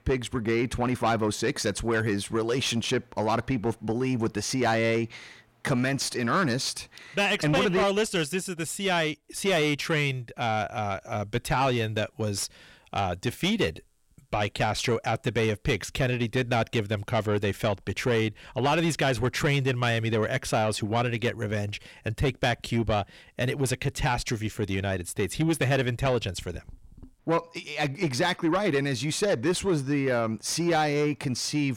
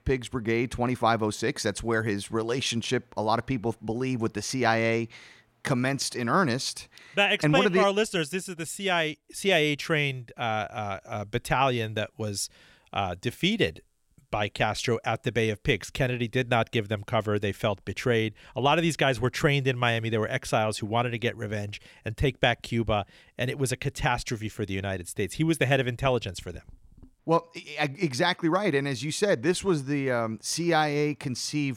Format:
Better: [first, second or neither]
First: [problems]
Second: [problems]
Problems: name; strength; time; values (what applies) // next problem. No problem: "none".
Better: second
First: distortion; slight; 10 dB below the speech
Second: none